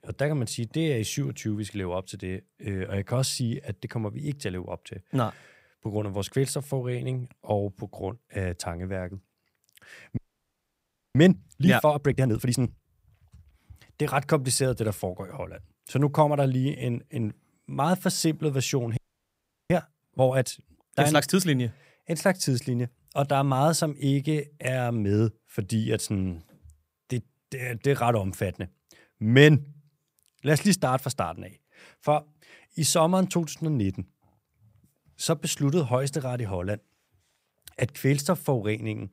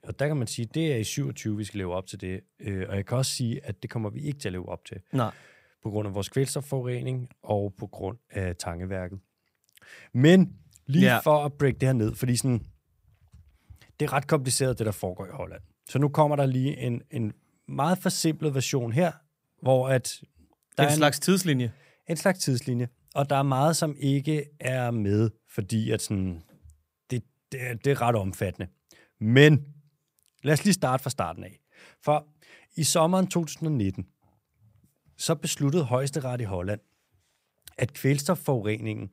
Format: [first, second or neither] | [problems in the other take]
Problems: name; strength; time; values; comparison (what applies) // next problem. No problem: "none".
second | audio freezing; at 10 s for 1 s and at 19 s for 0.5 s